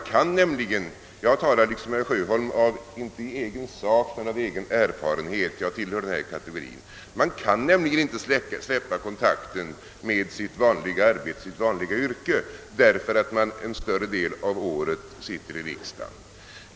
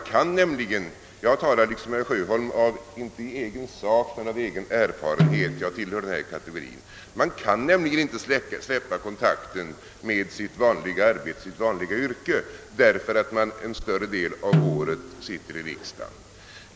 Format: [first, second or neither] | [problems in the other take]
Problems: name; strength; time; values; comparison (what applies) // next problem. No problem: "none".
first | background sound (Snare drum); 3 dB below the speech